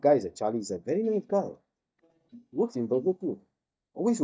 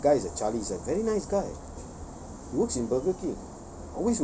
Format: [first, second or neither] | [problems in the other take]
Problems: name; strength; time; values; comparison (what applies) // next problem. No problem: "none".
second | noise reduction (neural mask model DeepFilterNet 3)